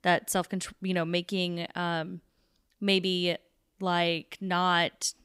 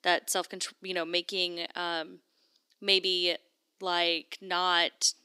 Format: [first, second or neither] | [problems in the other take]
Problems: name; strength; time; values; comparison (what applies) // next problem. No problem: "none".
first | thin; somewhat; fading below 300 Hz